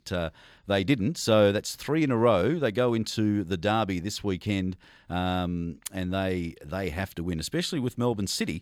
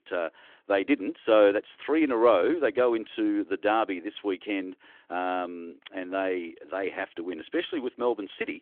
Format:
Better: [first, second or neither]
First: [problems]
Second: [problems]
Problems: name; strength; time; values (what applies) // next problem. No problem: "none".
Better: first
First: none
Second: phone-call audio; nothing above 3.5 kHz